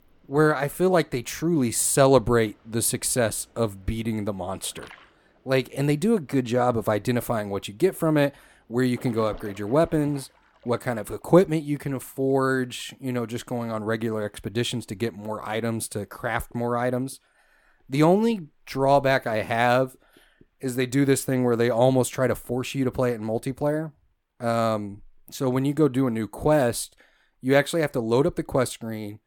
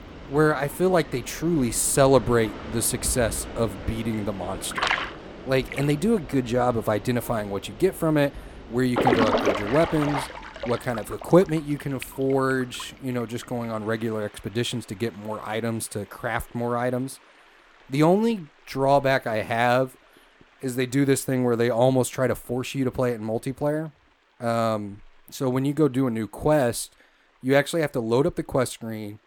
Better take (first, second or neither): first